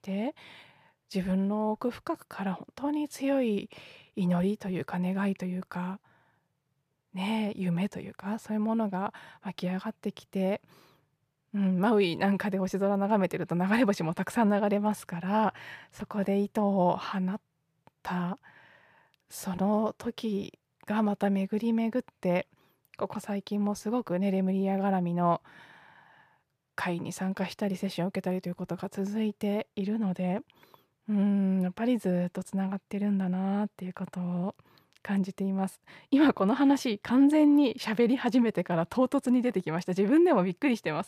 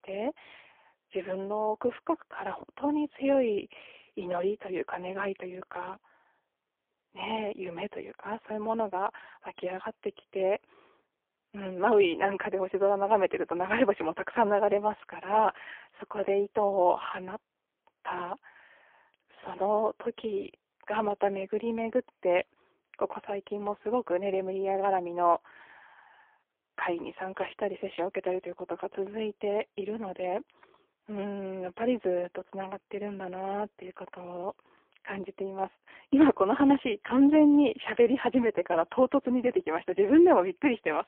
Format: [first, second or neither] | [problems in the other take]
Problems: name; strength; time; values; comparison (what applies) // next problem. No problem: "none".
first | phone-call audio; poor line; nothing above 3 kHz